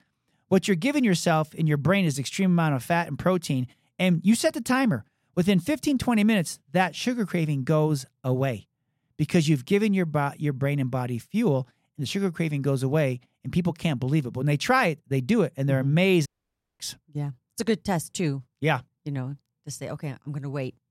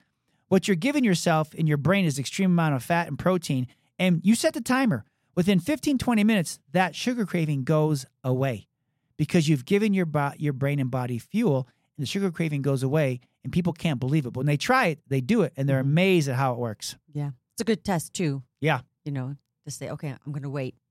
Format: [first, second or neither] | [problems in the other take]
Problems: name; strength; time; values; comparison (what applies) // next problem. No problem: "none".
second | audio cutting out; at 16 s for 0.5 s